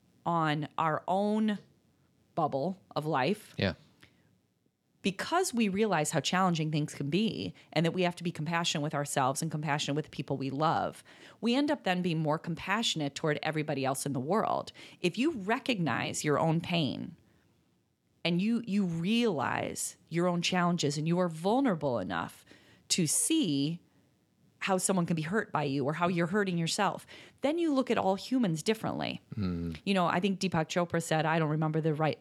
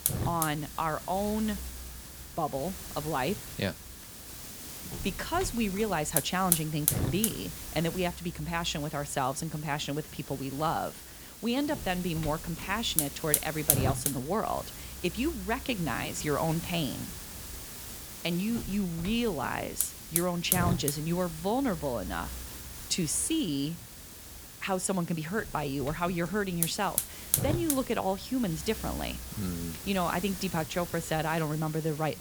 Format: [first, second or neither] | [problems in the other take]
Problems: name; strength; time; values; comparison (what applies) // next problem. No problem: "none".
first | hiss; loud; throughout; 4 dB below the speech